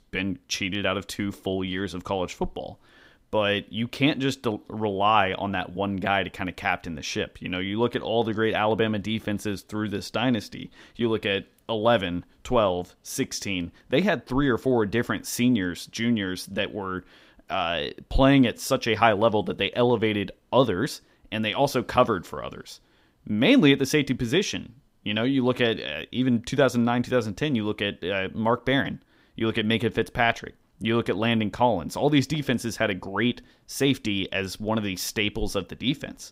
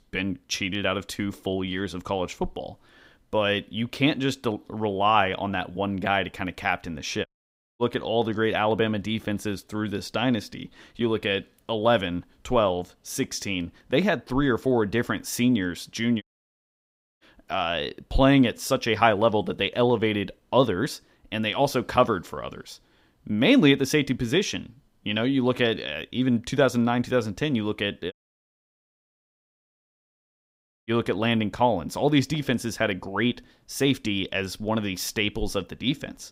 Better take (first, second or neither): first